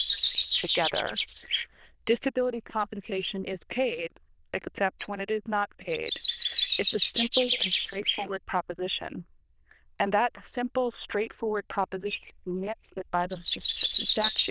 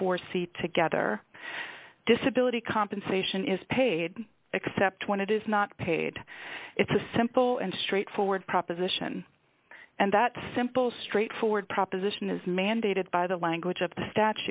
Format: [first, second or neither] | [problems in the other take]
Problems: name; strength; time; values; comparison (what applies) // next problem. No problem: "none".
second | noise reduction (neural diffusion model UNIVERSE++)